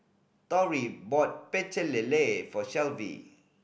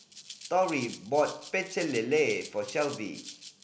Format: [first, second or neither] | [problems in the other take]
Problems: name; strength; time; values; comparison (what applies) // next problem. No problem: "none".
first | background sound (Rattle (instrument)); 16 dB below the speech